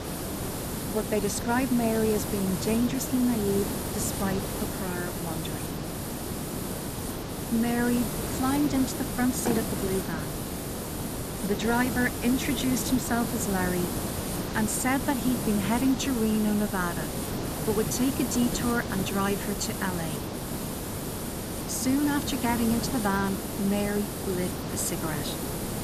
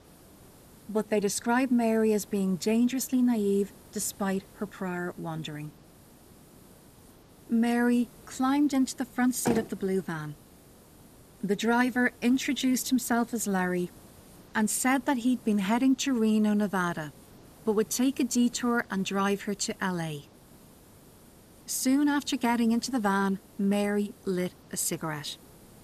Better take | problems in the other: second | hiss; loud; throughout; 3 dB below the speech; faint in the second

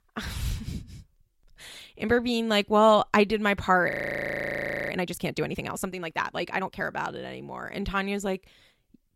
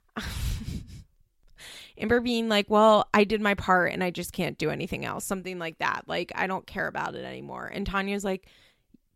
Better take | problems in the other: second | audio freezing; at 4 s for 1 s

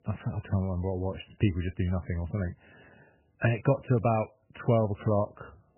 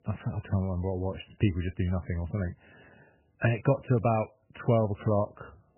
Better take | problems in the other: neither | garbled, watery; badly; nothing above 3 kHz; the same in both

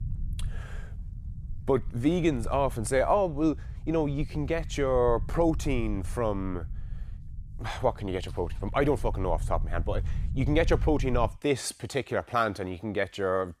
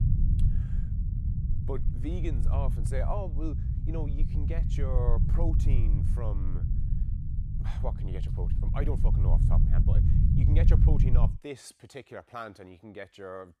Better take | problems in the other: first | low rumble; loud; until 11 s; 3 dB below the speech; faint in the first

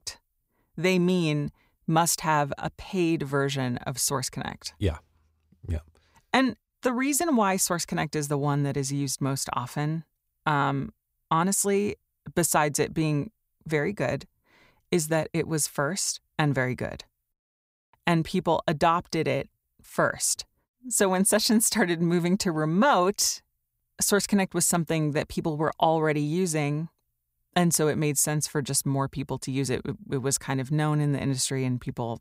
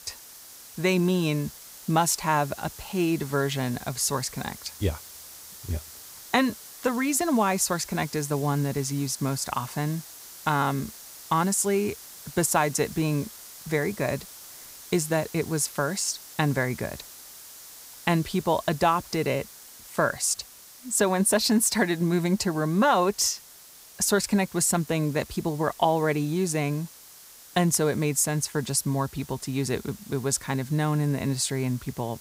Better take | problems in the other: first | hiss; noticeable; throughout; 15 dB below the speech

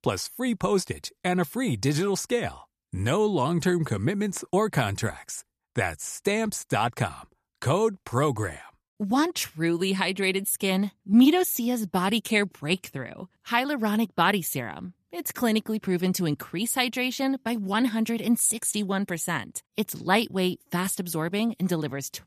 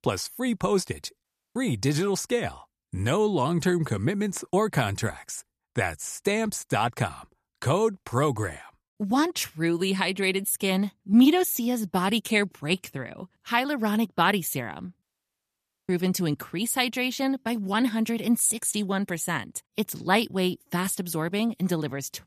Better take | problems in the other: first | audio cutting out; at 1 s and at 15 s for 1 s

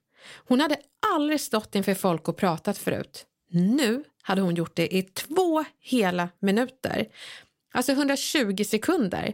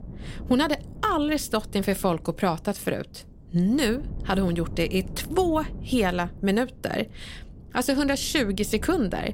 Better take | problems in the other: first | wind noise on the microphone; occasional gusts; 25 dB below the speech

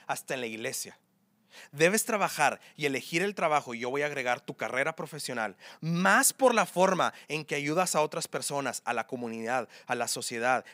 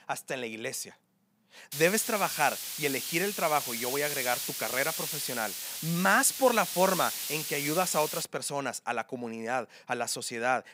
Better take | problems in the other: first | hiss; loud; from 1.5 to 8 s; 4 dB below the speech

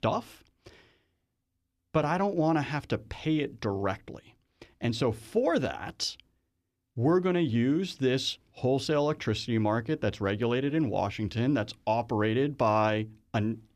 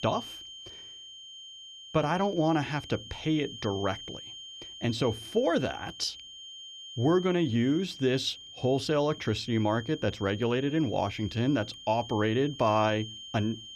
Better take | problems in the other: first | high-pitched whine; noticeable; throughout; 3 kHz, 15 dB below the speech

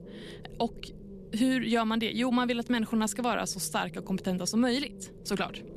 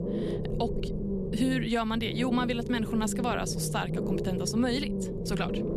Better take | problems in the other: first | low rumble; loud; throughout; 6 dB below the speech; faint in the first

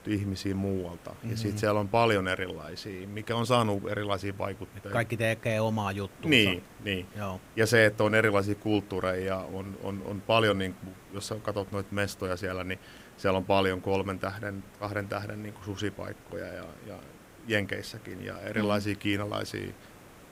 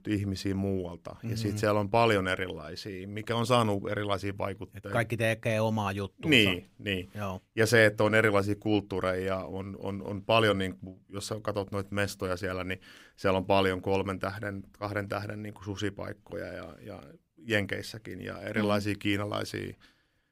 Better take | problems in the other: second | hiss; faint; throughout; 25 dB below the speech

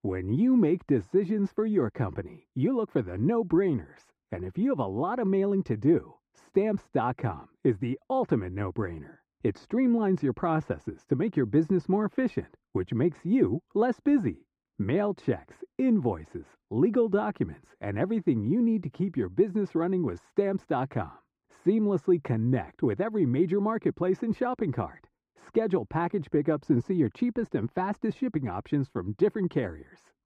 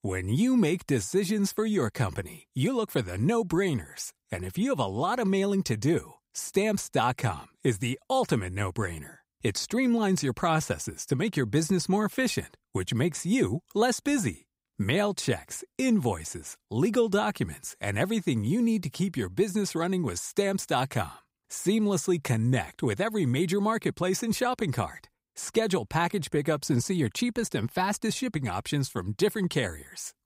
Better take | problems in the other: second | muffled; very; fading above 4 kHz

